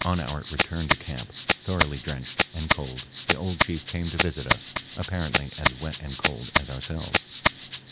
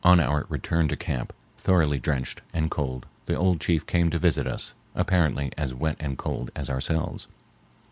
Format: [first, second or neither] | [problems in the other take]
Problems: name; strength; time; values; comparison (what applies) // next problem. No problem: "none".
second | background sound (Rattle (instrument)); 3 dB above the speech